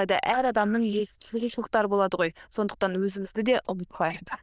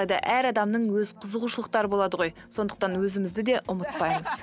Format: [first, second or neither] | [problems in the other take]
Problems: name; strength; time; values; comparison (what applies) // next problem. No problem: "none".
second | noise reduction (neural diffusion model UNIVERSE++)